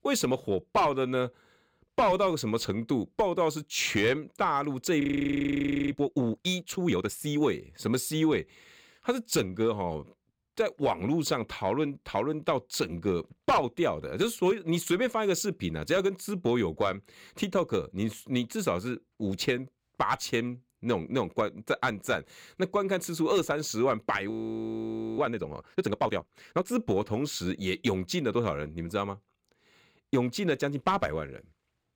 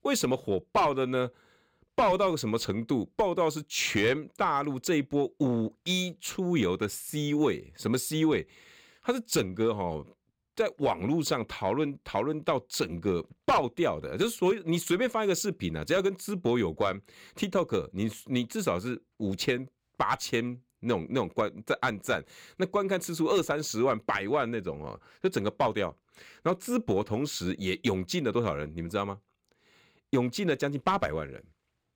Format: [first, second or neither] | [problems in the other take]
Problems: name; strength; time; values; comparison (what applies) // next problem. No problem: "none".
second | audio freezing; at 5 s for 1 s and at 24 s for 1 s